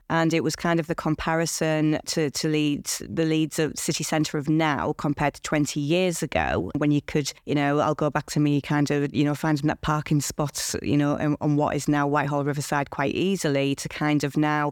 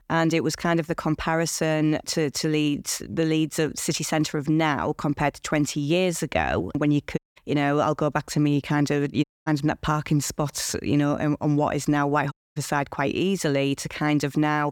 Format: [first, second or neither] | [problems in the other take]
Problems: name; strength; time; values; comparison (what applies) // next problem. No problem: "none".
first | audio cutting out; at 7 s, at 9 s and at 12 s